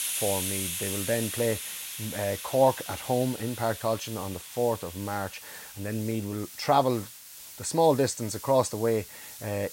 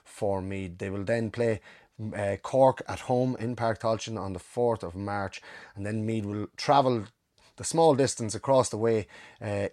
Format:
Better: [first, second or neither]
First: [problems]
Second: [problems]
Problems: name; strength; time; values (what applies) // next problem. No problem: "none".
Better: second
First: hiss; loud; throughout; 8 dB below the speech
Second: none